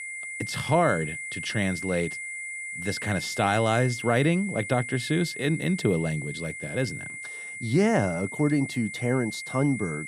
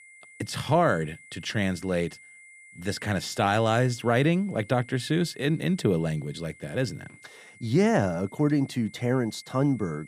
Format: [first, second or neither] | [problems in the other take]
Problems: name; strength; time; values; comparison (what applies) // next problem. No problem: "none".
second | high-pitched whine; loud; throughout; 2 kHz, 8 dB below the speech; faint in the second